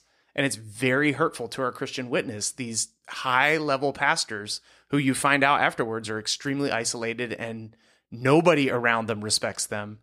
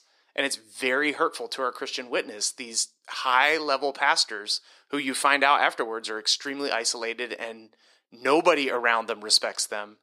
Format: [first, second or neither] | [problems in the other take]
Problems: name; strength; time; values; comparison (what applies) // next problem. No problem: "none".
first | thin; somewhat; fading below 350 Hz